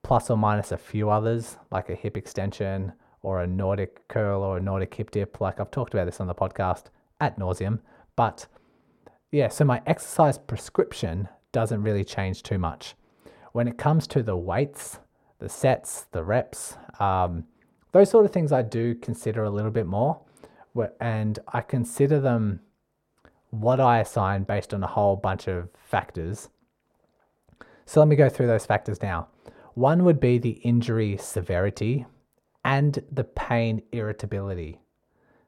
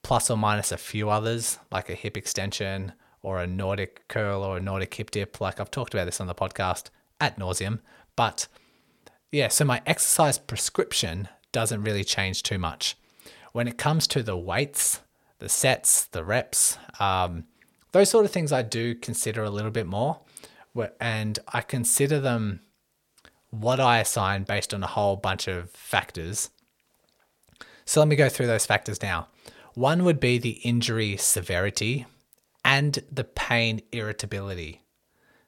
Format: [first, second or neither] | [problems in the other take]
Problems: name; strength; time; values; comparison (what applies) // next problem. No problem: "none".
second | muffled; very; fading above 2 kHz